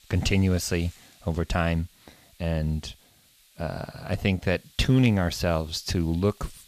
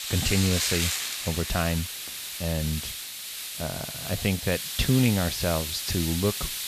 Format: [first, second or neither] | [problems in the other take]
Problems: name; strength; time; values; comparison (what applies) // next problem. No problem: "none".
first | hiss; loud; throughout; 2 dB below the speech; faint in the first